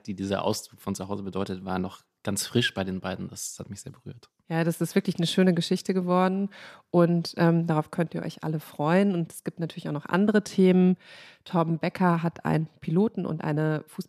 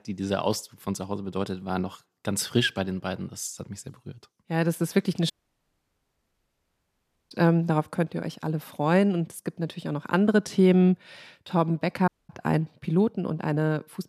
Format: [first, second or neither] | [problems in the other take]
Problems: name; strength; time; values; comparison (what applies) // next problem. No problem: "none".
first | audio cutting out; at 5.5 s for 2 s and at 12 s